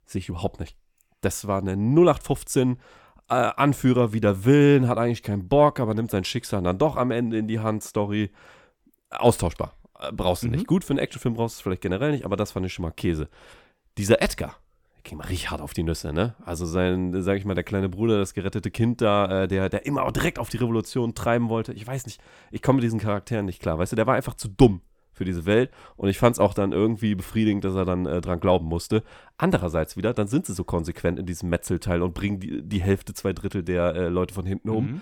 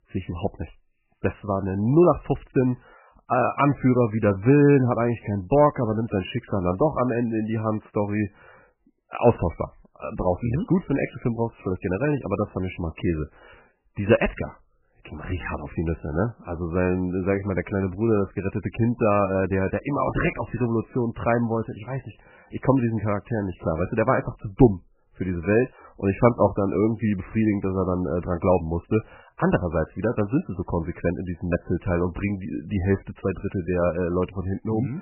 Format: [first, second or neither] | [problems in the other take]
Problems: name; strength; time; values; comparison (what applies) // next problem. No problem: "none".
first | garbled, watery; badly; nothing above 3 kHz